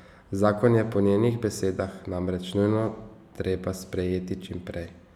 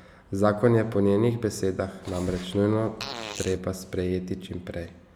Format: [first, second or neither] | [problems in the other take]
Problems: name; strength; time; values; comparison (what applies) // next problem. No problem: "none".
first | background sound (Fart); 14 dB below the speech